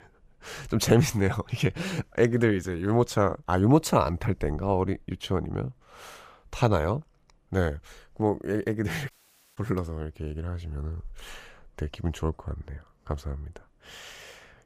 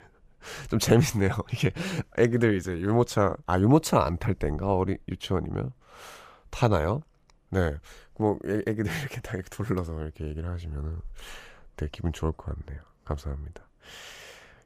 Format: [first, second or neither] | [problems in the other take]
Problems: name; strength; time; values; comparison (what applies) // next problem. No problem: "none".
second | audio cutting out; at 9 s